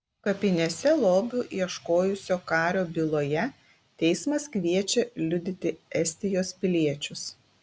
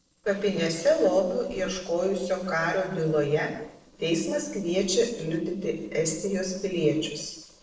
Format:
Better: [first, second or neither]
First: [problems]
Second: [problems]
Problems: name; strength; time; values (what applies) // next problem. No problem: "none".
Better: first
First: none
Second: noise reduction (neural separator model SepFormer DNS4)